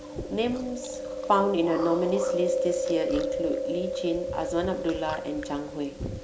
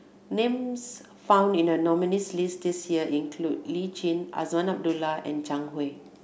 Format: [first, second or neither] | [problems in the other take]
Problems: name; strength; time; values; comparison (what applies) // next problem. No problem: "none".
second | background sound (Chewing, mastication); 2 dB below the speech